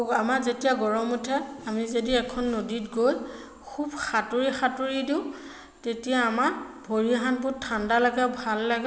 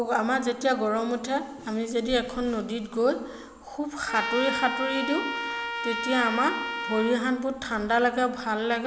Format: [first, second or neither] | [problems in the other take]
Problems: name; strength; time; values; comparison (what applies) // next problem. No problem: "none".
first | background sound (Trumpet); 5 dB below the speech